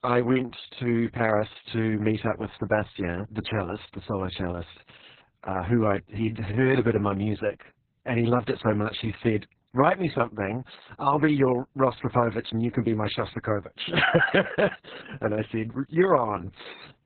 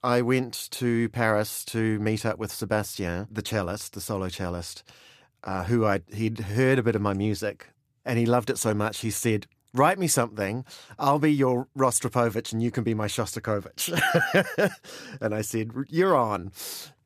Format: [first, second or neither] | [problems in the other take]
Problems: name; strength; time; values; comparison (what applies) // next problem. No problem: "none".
second | garbled, watery; badly; nothing above 4 kHz